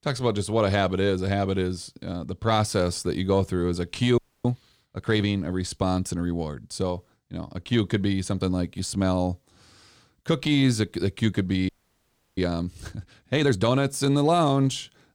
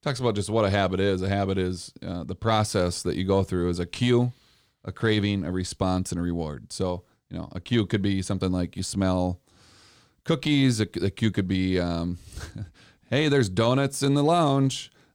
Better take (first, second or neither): second